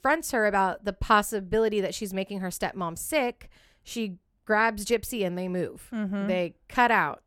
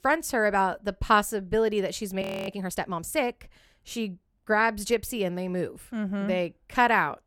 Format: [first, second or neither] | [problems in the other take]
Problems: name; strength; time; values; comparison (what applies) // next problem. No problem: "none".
first | audio freezing; at 2 s